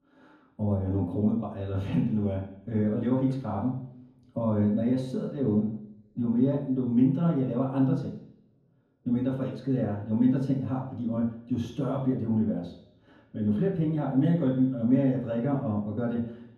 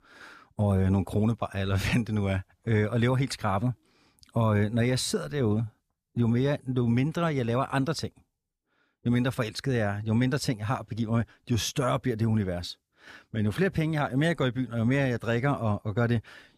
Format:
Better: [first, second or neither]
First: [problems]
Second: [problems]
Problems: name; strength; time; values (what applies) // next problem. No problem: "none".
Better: second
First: room echo; noticeable; dies away in 0.8 s // off-mic speech; far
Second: none